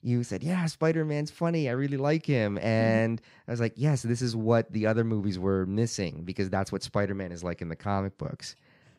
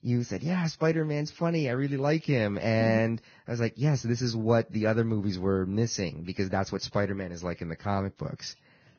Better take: first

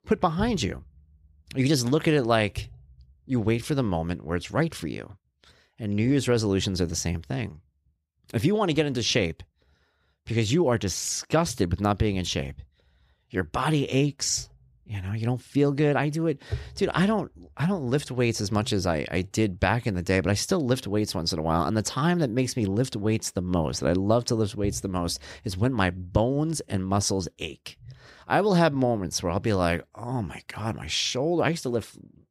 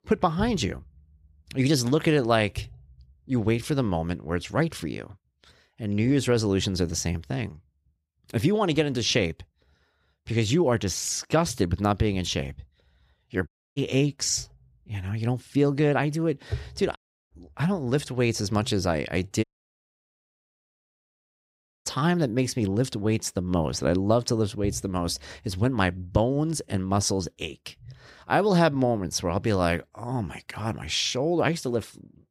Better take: first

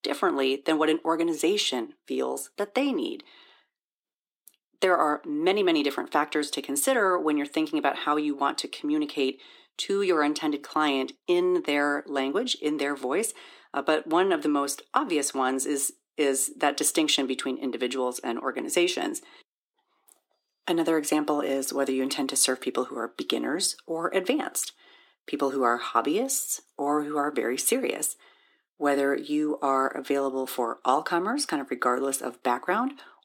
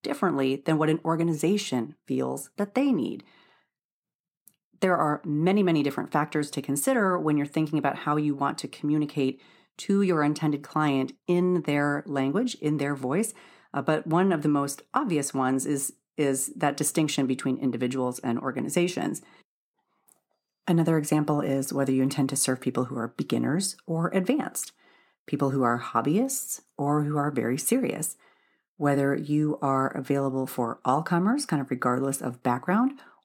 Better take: second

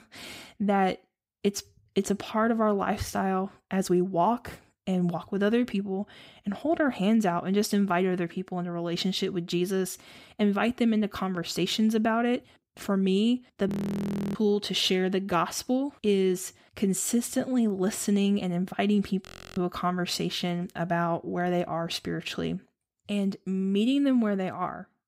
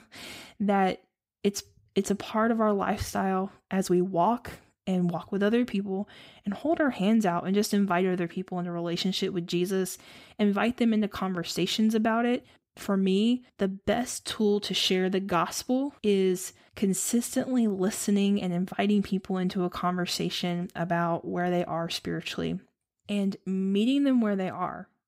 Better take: second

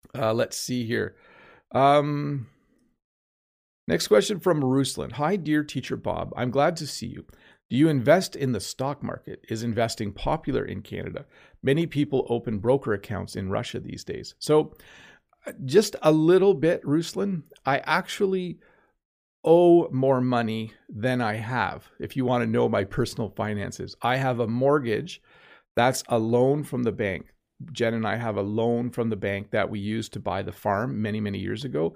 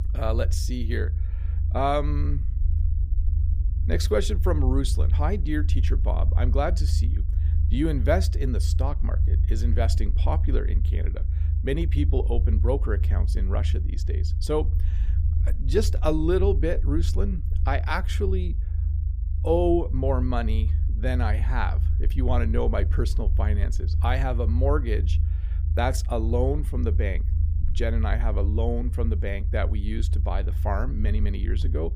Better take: first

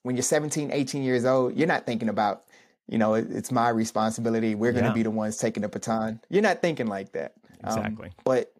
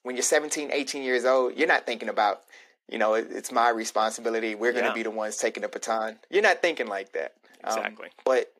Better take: first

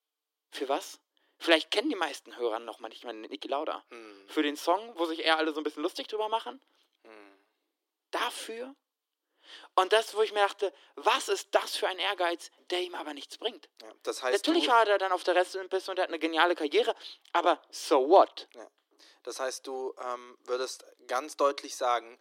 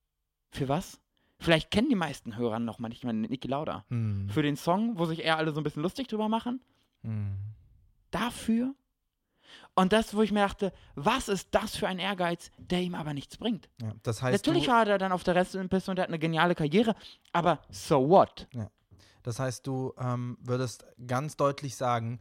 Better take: second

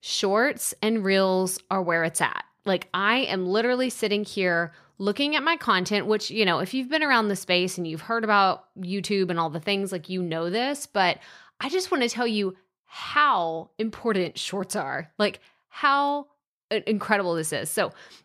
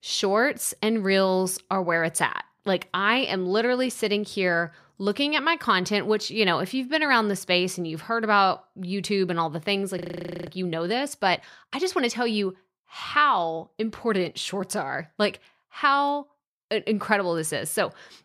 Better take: first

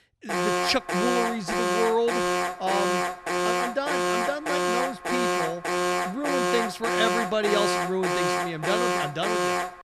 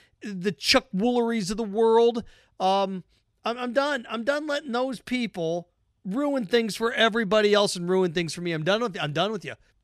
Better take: second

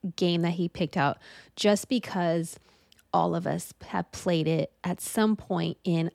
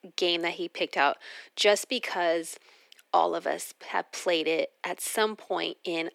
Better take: first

